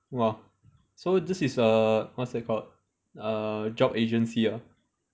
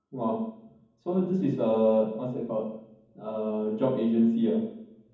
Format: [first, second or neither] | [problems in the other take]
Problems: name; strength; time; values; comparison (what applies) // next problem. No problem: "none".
first | room echo; dies away in 1.2 s